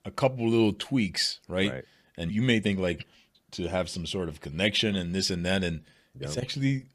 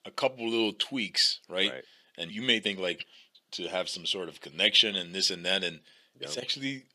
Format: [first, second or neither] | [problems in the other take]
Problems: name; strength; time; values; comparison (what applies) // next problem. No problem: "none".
first | thin; somewhat; fading below 300 Hz